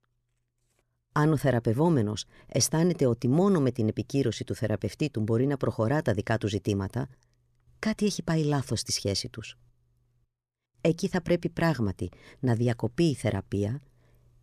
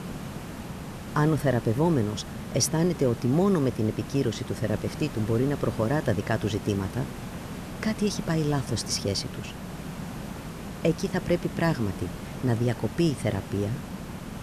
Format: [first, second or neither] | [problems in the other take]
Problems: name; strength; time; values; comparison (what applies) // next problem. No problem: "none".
first | hiss; noticeable; throughout; 10 dB below the speech